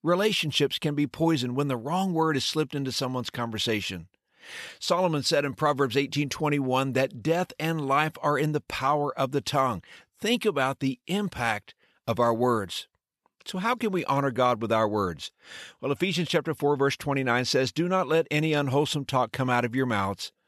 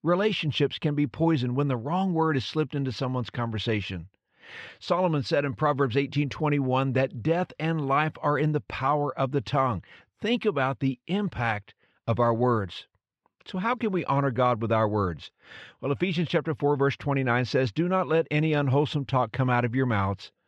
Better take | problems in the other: first | muffled; slightly; fading above 3 kHz

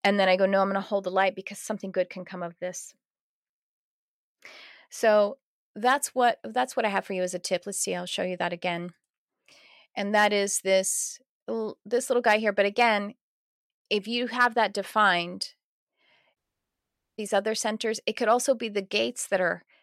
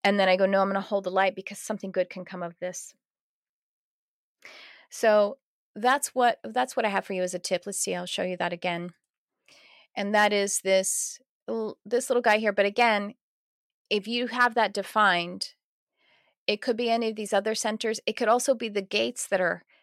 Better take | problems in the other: second | audio cutting out; at 16 s for 1 s

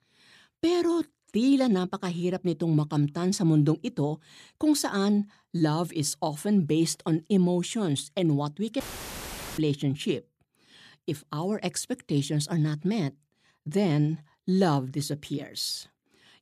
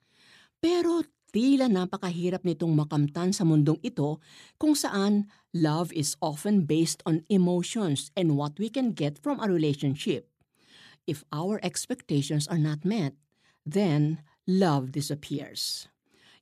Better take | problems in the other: second | audio cutting out; filled with static; at 9 s for 1 s

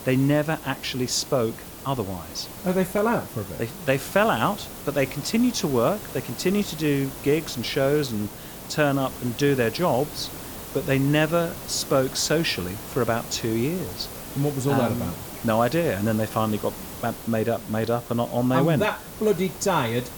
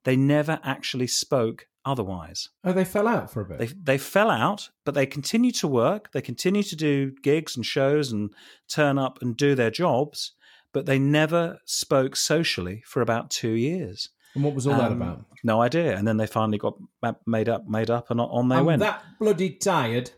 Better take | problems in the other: second | hiss; noticeable; throughout; 10 dB below the speech

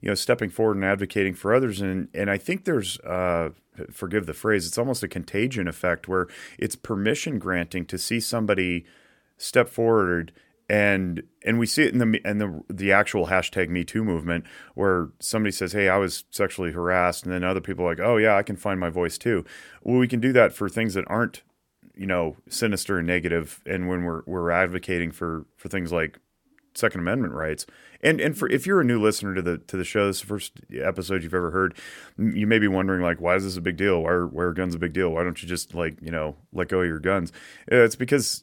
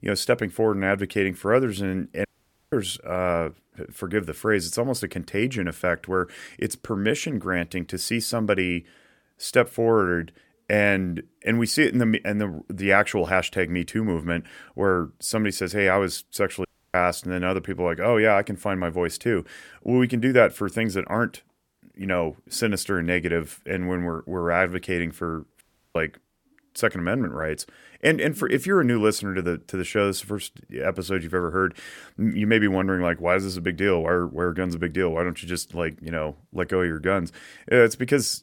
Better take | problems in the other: first | audio cutting out; at 2.5 s, at 17 s and at 26 s

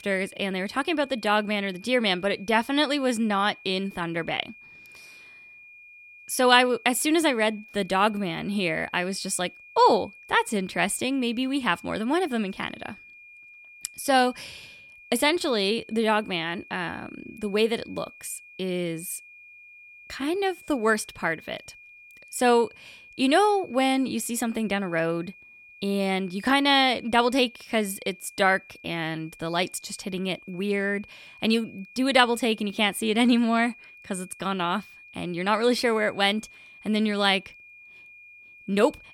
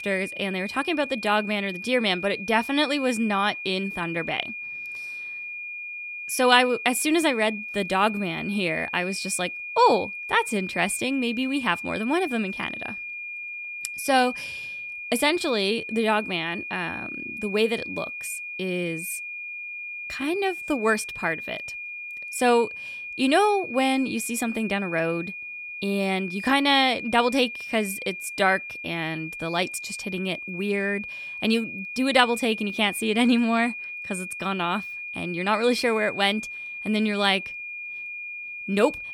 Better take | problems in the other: first | high-pitched whine; loud; throughout; 2.5 kHz, 8 dB below the speech; faint in the first

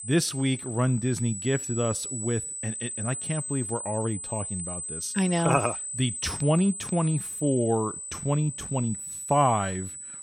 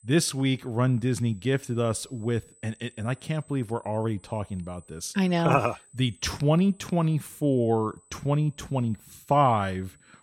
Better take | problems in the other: second | high-pitched whine; loud; throughout; 8 kHz, 6 dB below the speech; faint in the second

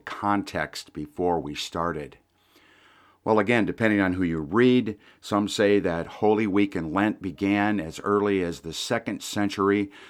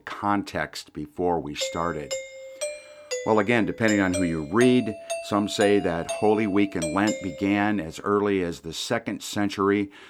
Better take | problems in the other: first | doorbell; noticeable; from 1.5 to 7.5 s; peak 6 dB below the speech

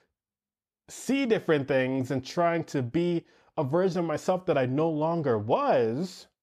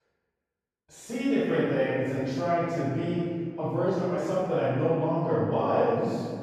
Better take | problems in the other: first | off-mic speech; far // room echo; strong; dies away in 1.9 s

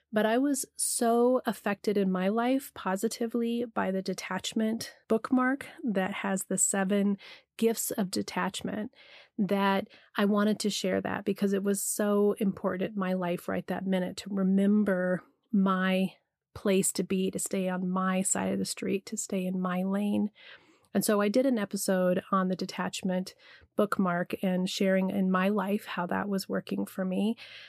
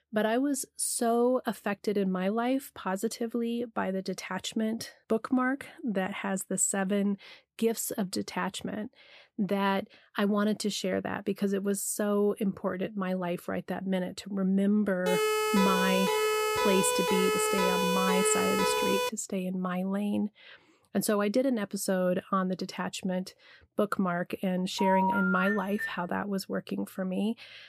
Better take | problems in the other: first | siren; loud; from 15 to 19 s; peak 3 dB above the speech // phone ringing; loud; from 25 to 26 s; peak 2 dB above the speech

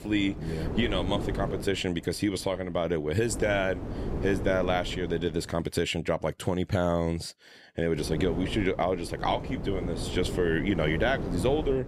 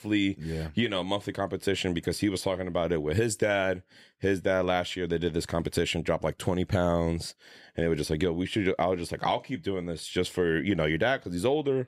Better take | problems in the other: second | wind noise on the microphone; occasional gusts; until 5.5 s and from 8 s on; 10 dB below the speech

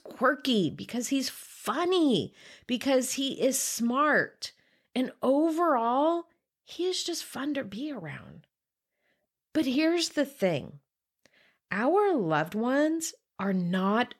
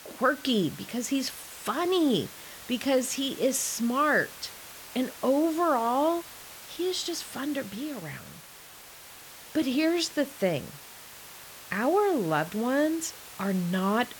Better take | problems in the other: first | hiss; noticeable; throughout; 15 dB below the speech

